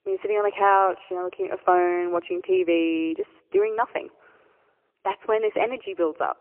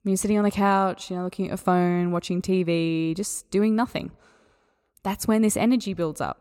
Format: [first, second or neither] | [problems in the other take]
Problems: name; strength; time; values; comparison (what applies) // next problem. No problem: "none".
second | phone-call audio; poor line; nothing above 3 kHz